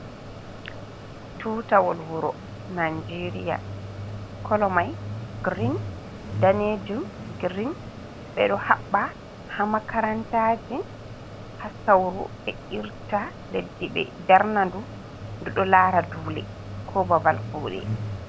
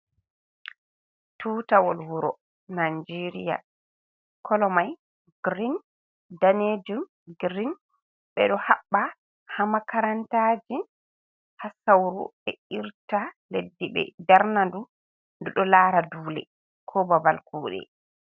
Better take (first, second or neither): second